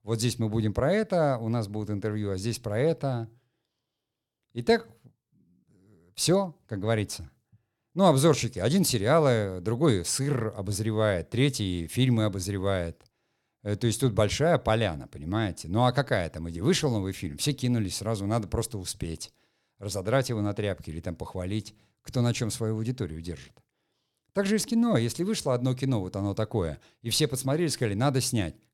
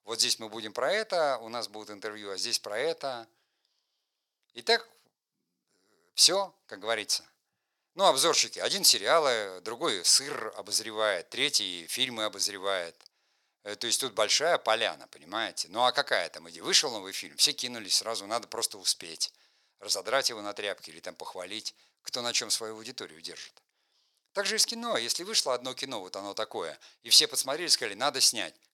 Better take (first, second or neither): first